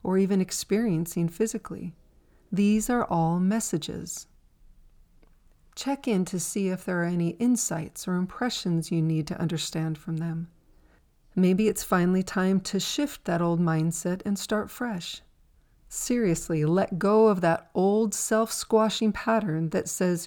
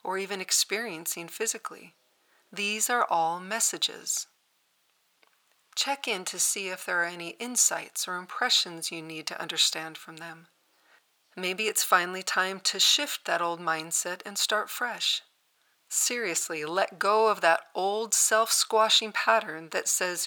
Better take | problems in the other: first | thin; very; fading below 850 Hz

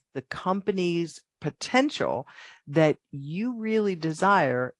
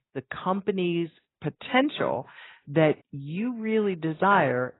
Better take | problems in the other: first | garbled, watery; badly; nothing above 4 kHz; slightly in the first

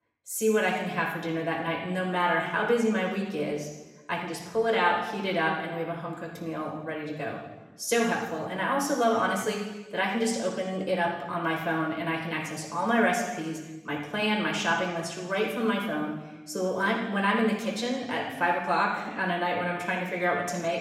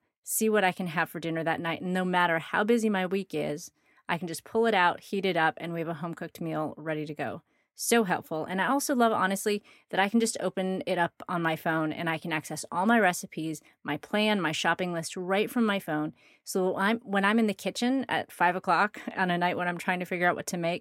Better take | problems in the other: second | room echo; noticeable; dies away in 1.1 s // off-mic speech; somewhat distant

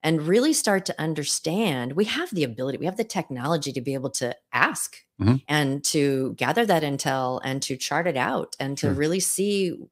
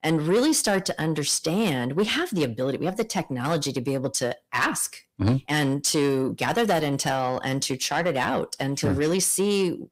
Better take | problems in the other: first | distortion; slight; 10 dB below the speech

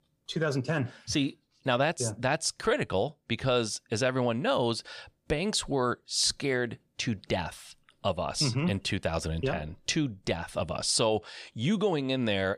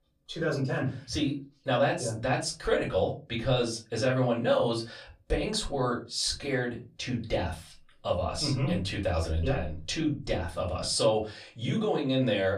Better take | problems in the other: first | off-mic speech; far // room echo; very slight; dies away in 0.3 s

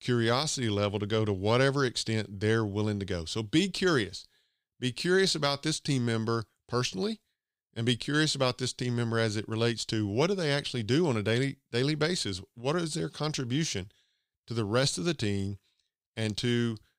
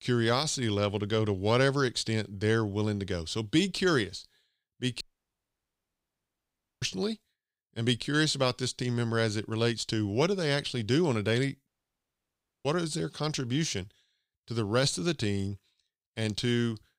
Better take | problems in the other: first | audio cutting out; at 5 s for 2 s and at 12 s for 1 s

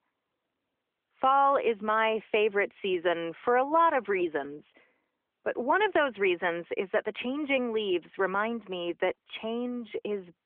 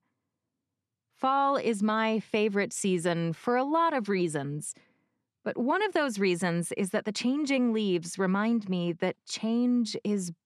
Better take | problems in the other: second | phone-call audio; nothing above 3.5 kHz

